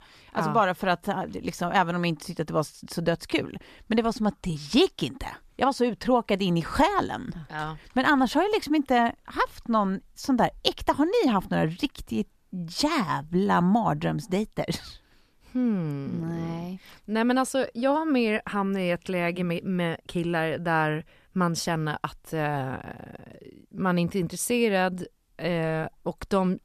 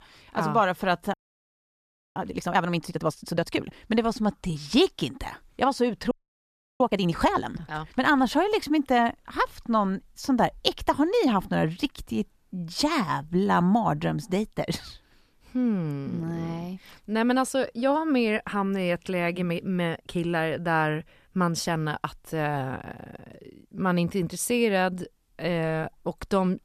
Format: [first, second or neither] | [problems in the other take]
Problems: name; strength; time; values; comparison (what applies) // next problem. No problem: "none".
first | audio freezing; at 1 s for 1 s and at 6 s for 0.5 s